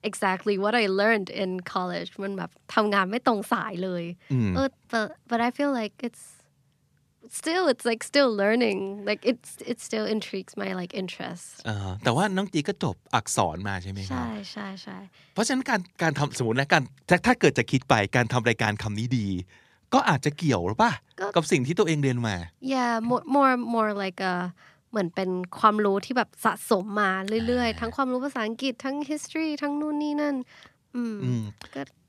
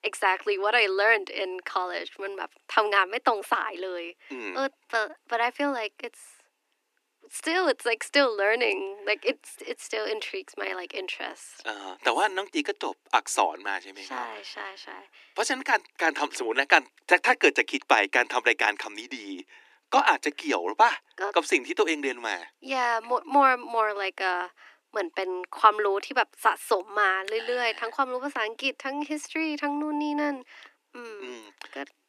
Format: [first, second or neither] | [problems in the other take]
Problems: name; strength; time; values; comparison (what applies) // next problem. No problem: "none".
first | thin; somewhat; fading below 300 Hz